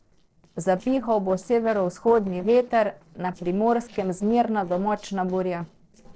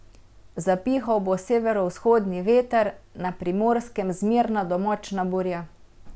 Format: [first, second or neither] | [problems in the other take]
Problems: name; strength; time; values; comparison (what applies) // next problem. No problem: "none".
second | noise reduction (neural separator model SepFormer DNS4)